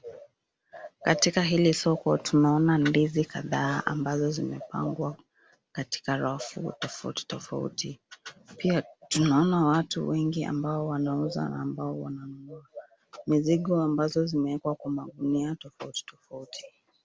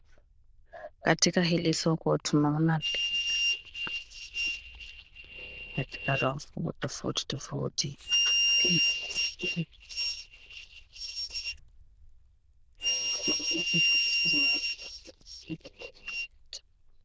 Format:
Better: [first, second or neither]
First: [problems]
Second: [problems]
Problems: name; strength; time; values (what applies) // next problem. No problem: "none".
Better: first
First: none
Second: noise reduction (neural diffusion model UNIVERSE++)